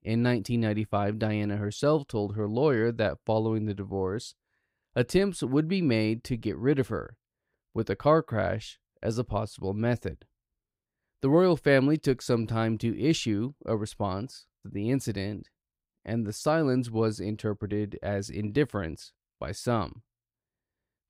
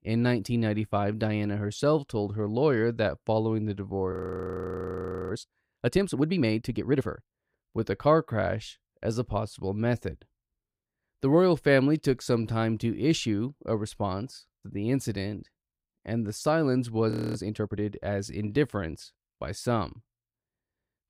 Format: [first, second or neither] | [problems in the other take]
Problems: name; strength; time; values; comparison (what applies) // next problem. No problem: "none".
first | audio freezing; at 4 s for 1 s and at 17 s